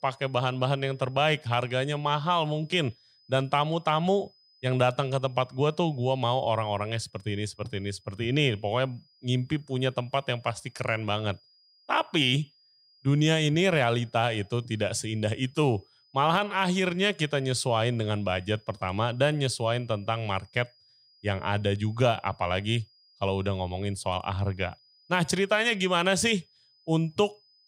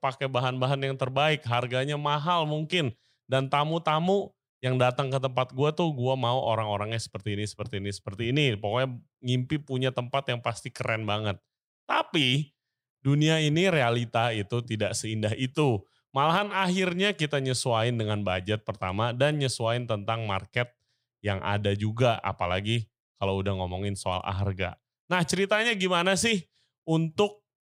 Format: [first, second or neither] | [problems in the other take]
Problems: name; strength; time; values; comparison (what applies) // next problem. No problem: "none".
second | high-pitched whine; faint; throughout; 5 kHz, 30 dB below the speech